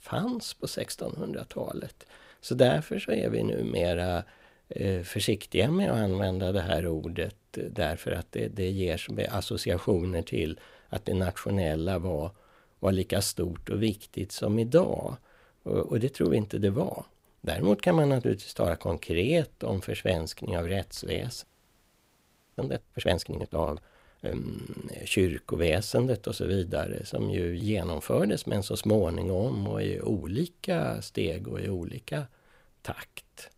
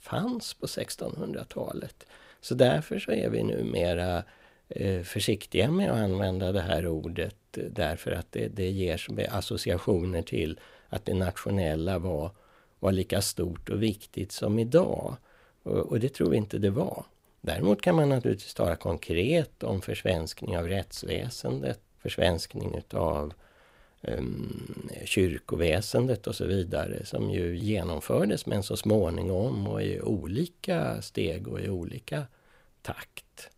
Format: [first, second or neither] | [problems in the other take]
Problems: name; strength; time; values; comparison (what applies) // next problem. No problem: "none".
second | audio freezing; at 21 s for 1 s